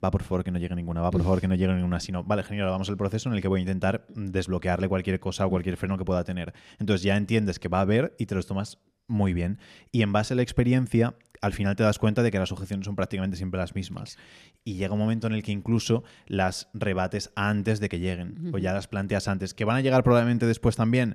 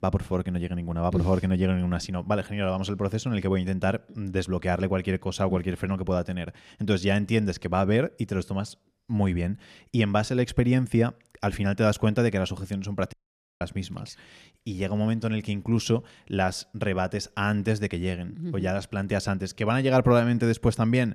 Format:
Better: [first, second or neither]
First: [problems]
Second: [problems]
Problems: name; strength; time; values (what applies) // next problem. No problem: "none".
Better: first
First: none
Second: audio cutting out; at 13 s